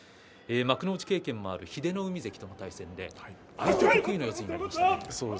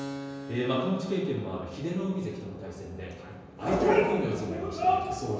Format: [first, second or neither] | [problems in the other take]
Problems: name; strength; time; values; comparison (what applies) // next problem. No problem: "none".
first | background sound (Keyboard (musical)); 16 dB below the speech // room echo; dies away in 1.2 s